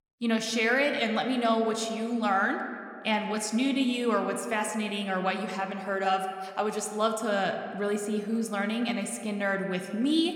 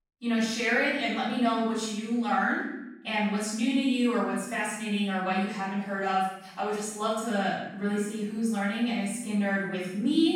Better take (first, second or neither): first